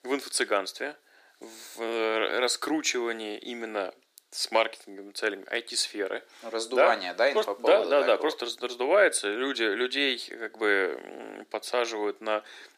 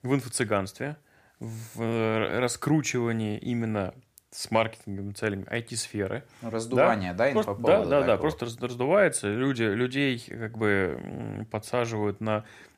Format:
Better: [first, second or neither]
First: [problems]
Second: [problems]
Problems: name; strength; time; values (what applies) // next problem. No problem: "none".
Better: second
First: thin; somewhat; fading below 300 Hz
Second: none